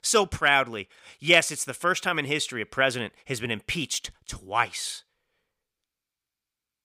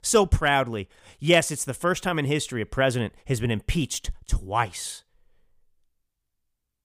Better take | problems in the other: second | thin; very slightly; fading below 300 Hz

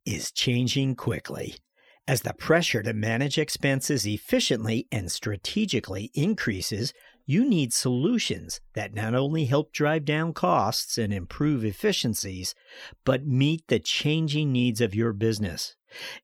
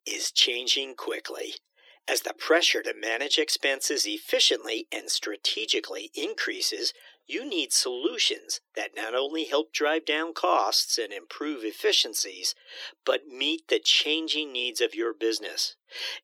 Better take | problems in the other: first | thin; very; fading below 300 Hz

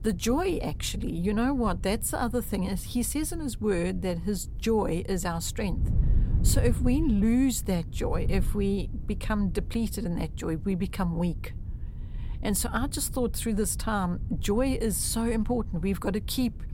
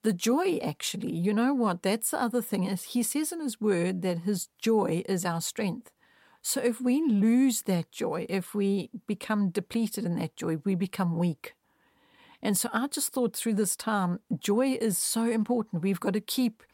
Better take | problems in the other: second | wind noise on the microphone; occasional gusts; 20 dB below the speech

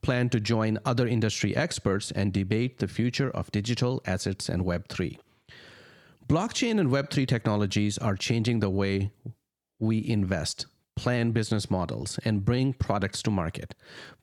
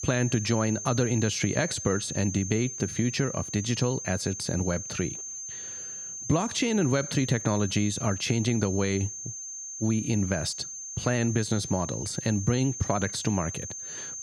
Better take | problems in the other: first | high-pitched whine; loud; throughout; 6.5 kHz, 7 dB below the speech

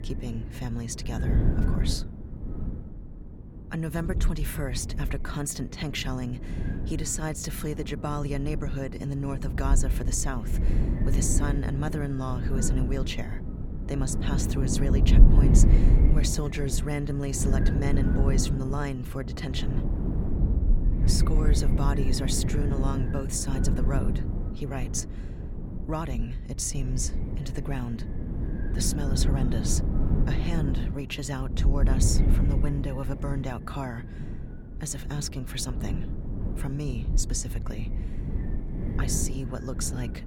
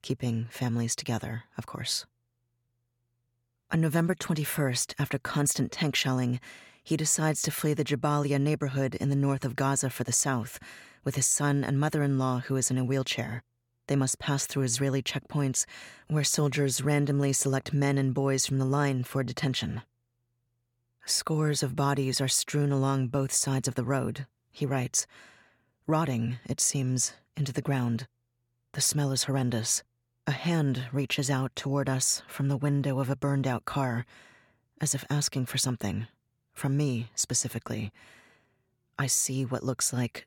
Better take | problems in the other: second | wind noise on the microphone; heavy; 5 dB below the speech

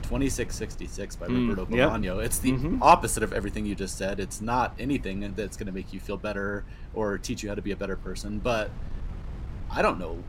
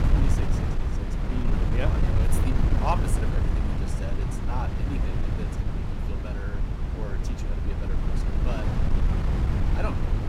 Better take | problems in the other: first | wind noise on the microphone; heavy; as loud as the speech; occasional gusts in the first

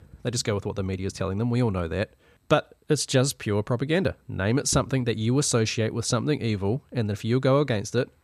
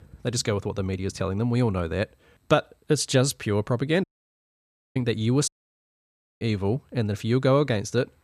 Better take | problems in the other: first | audio cutting out; at 4 s for 1 s and at 5.5 s for 1 s

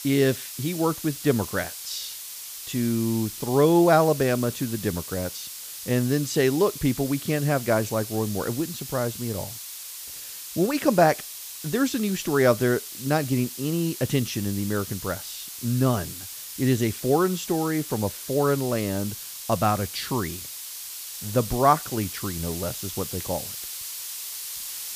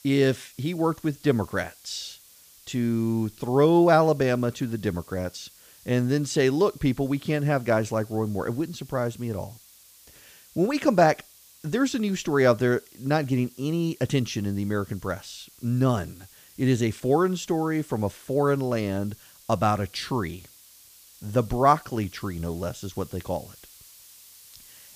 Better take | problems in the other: second | hiss; loud; throughout; 9 dB below the speech; faint in the second

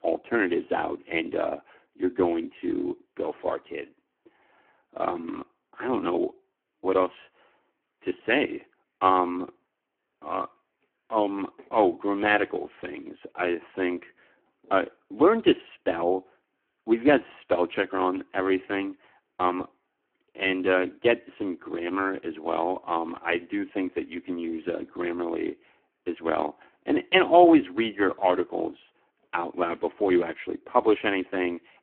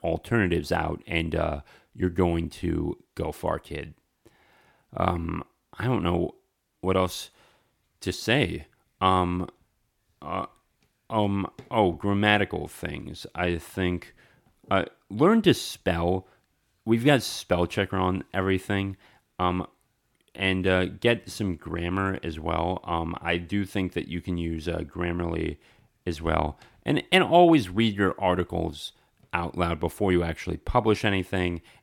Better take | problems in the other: second | phone-call audio; poor line

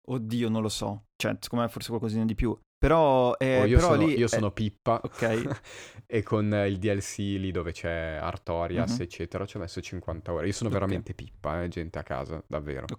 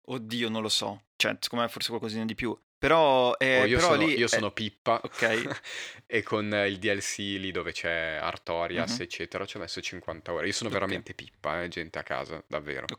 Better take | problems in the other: first | thin; very slightly; fading below 700 Hz

